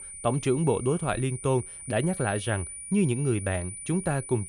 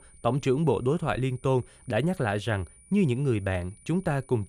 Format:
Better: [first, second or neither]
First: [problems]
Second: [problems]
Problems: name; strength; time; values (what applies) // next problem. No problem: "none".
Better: second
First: high-pitched whine; loud; throughout; 9.5 kHz, 10 dB below the speech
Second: high-pitched whine; faint; throughout; 9.5 kHz, 25 dB below the speech